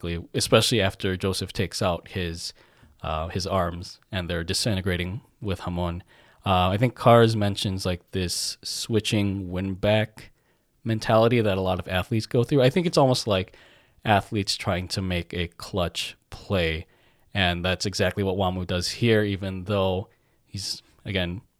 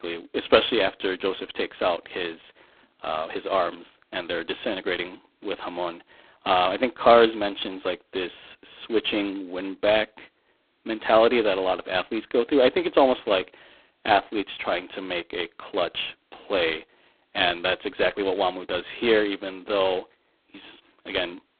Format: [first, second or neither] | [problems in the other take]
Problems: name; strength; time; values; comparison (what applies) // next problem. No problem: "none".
first | phone-call audio; poor line; nothing above 3.5 kHz